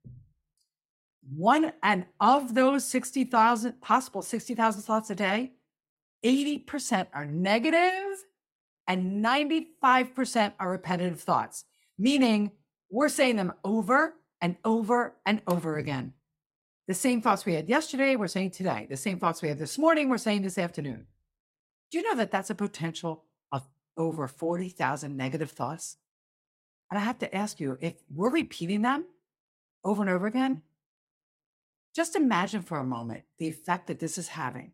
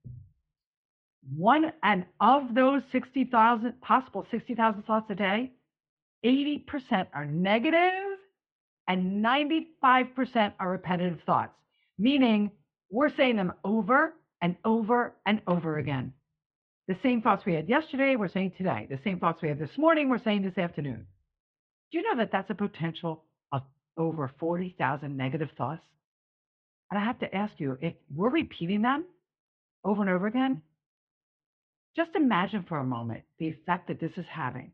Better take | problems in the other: first | muffled; very; fading above 3.5 kHz

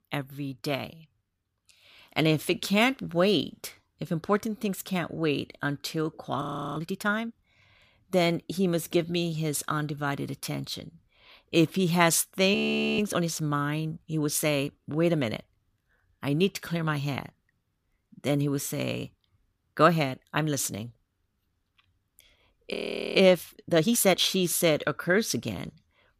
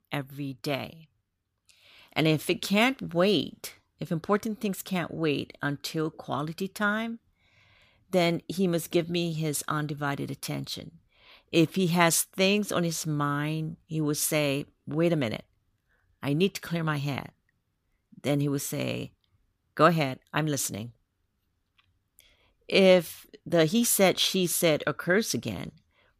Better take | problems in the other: second | audio freezing; at 6.5 s, at 13 s and at 23 s

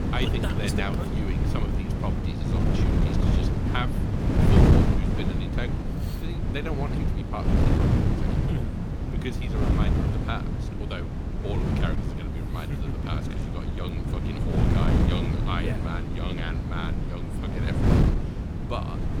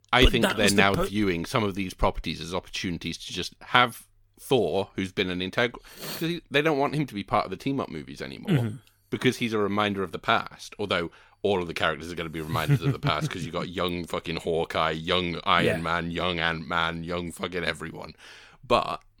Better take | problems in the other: second | wind noise on the microphone; heavy; 2 dB above the speech

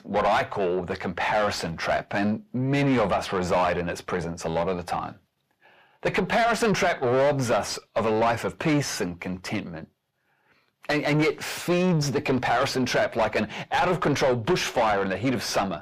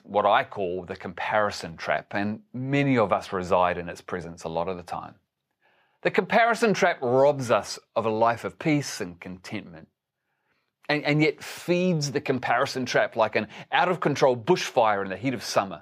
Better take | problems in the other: second | distortion; heavy; 6 dB below the speech

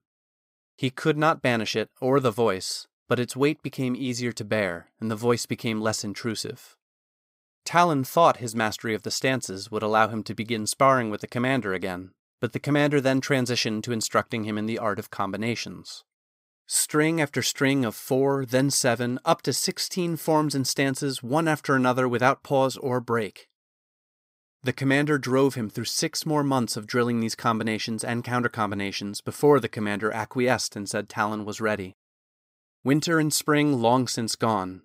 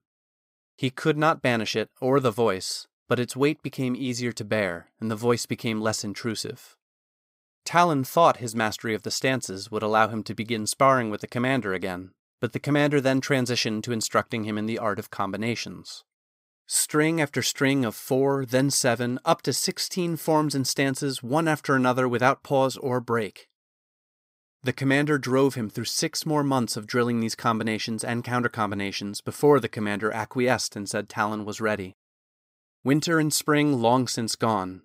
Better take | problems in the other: neither | none

